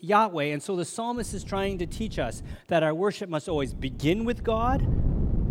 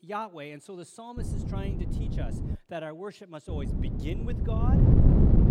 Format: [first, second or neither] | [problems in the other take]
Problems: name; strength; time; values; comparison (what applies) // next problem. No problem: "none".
first | wind noise on the microphone; heavy; from 1 to 2.5 s and from 3.5 s on; 3 dB above the speech; occasional gusts in the first